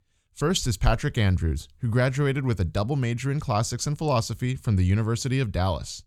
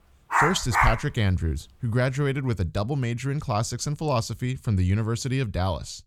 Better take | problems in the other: first | dog barking; loud; at 0.5 s; peak 3 dB above the speech

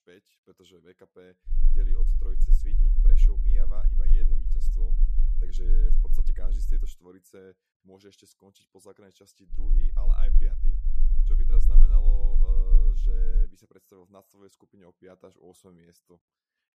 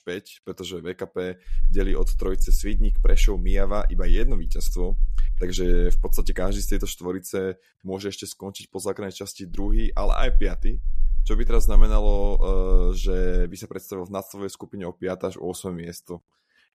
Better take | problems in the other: second | low rumble; loud; from 1.5 to 7 s and from 9.5 to 13 s; 2 dB below the speech; faint in the second

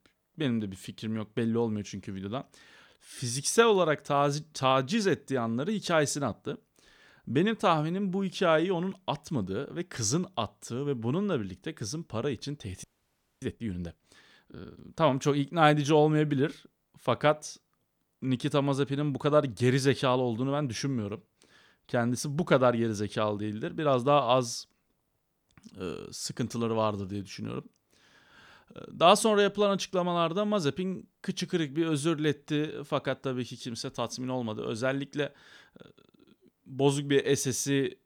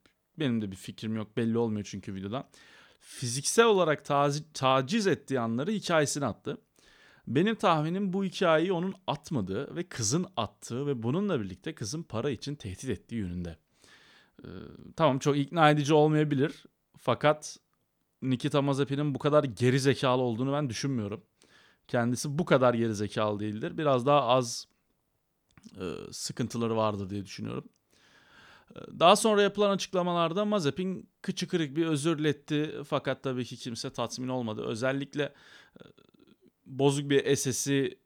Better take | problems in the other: second | audio freezing; at 13 s for 0.5 s

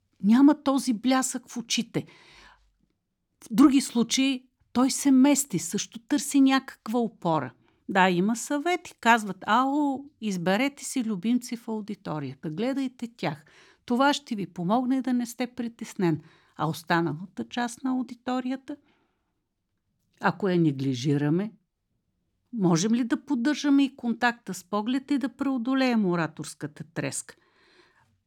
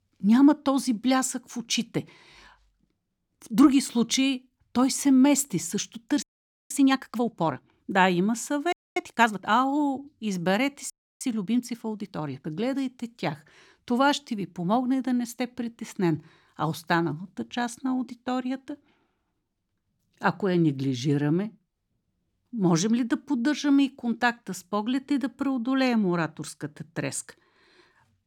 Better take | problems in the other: first | audio freezing; at 6 s, at 8.5 s and at 11 s

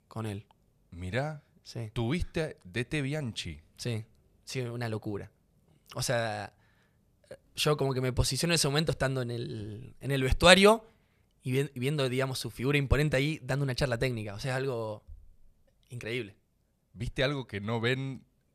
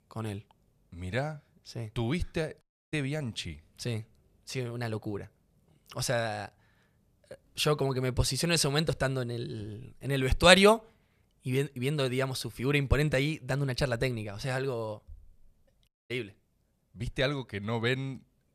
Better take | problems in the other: first | audio cutting out; at 2.5 s and at 16 s

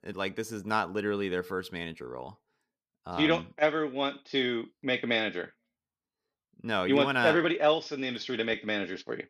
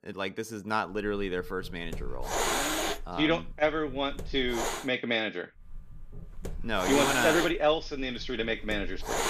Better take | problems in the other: first | hiss; loud; from 1 to 5 s and from 5.5 s on; 3 dB below the speech

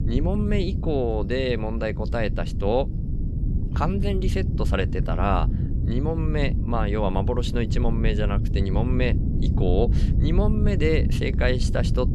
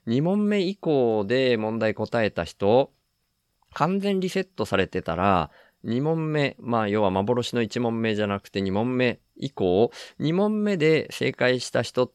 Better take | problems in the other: second | low rumble; loud; throughout; 10 dB below the speech

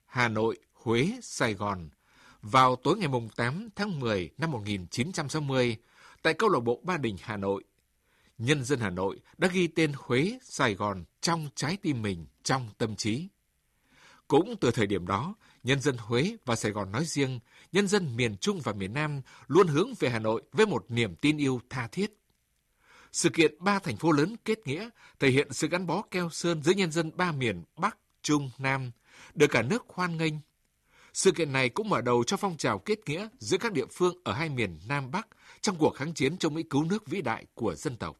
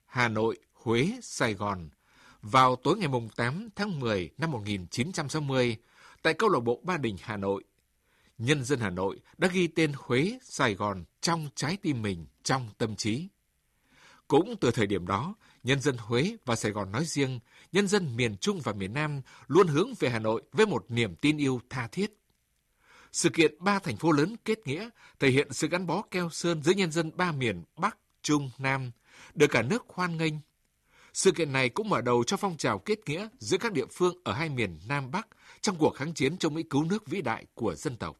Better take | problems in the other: neither | none

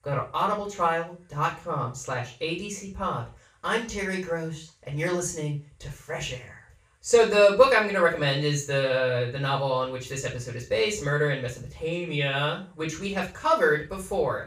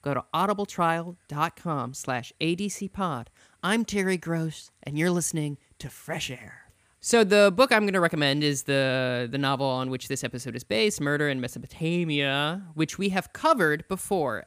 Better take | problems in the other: second | room echo; noticeable; dies away in 0.3 s // off-mic speech; far

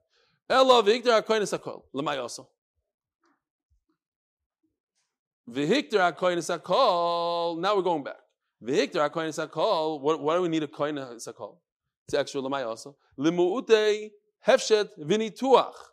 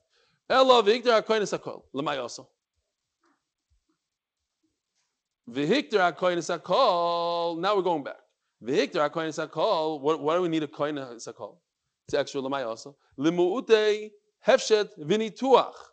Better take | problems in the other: first | garbled, watery; slightly; nothing above 7.5 kHz

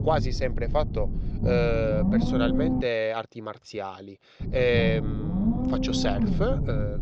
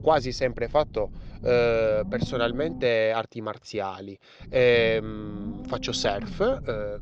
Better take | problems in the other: second | low rumble; loud; until 3 s and from 4.5 s on; 6 dB below the speech; faint in the second

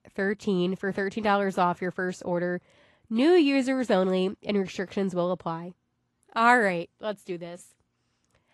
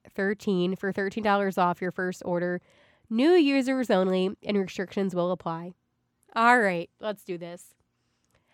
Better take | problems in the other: second | garbled, watery; slightly; nothing above 11.5 kHz

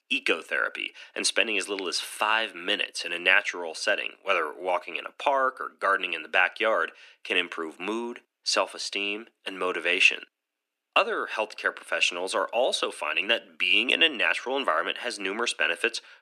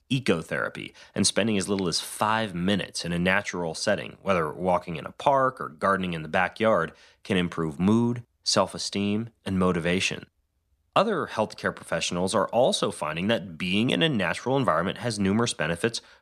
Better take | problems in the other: second | thin; somewhat; fading below 300 Hz

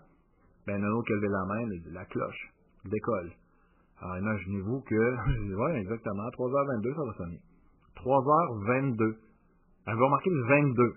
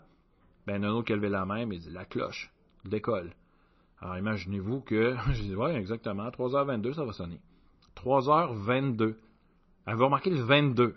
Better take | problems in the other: second | garbled, watery; badly; nothing above 2.5 kHz; slightly in the second

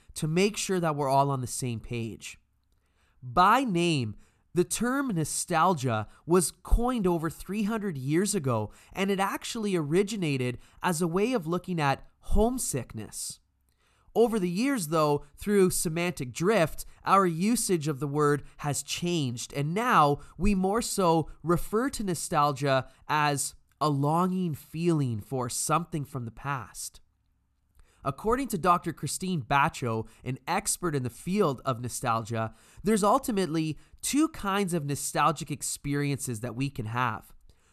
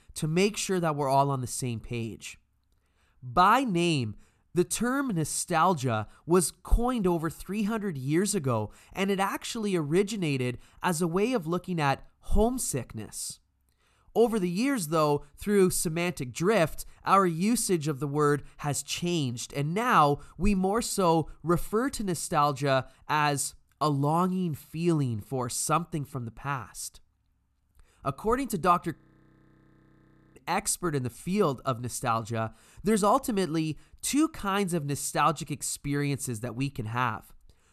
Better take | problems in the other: first | audio freezing; at 29 s for 1.5 s

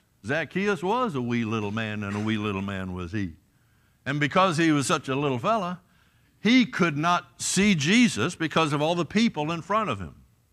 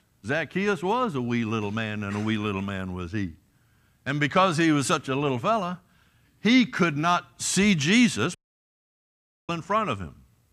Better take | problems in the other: first | audio cutting out; at 8.5 s for 1 s

